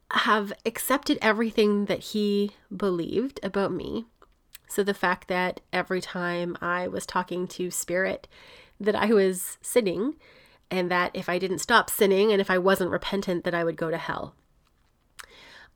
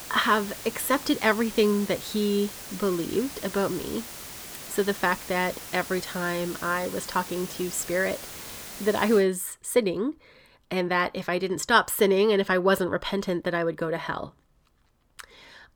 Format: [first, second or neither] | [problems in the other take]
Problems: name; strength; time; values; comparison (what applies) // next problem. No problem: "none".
first | hiss; noticeable; until 9 s; 10 dB below the speech